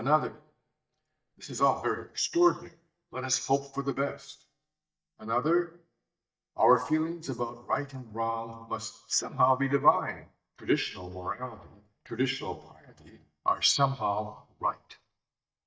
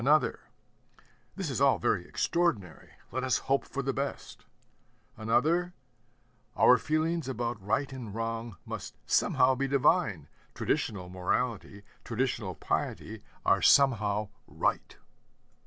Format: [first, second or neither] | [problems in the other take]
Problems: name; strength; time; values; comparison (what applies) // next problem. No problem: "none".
second | noise reduction (neural mask model DeepFilterNet 3)